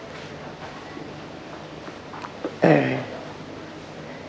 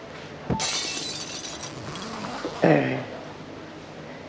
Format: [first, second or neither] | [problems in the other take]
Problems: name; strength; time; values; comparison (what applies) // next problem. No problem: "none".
first | background sound (Shatter + Zipper (clothing)); 4 dB below the speech